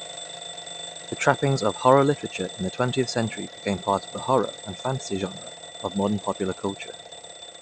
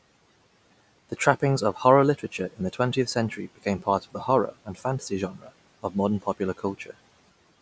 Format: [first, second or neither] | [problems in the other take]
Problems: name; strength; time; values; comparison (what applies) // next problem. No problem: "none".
second | background sound (Alarm / Bell); 13 dB below the speech